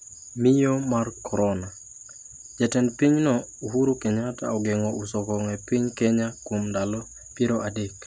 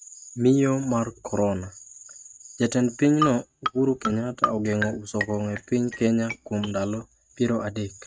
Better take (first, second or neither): first